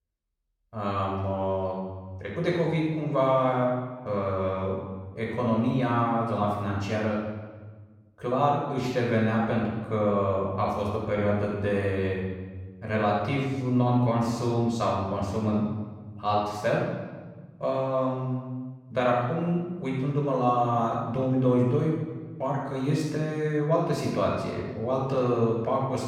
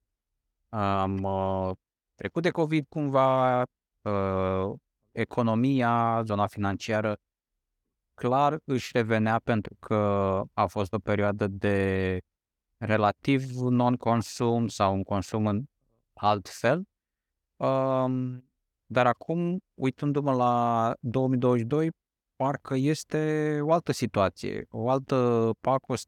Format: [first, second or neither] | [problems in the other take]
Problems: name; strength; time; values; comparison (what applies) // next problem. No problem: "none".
second | off-mic speech; far // room echo; noticeable; dies away in 1.3 s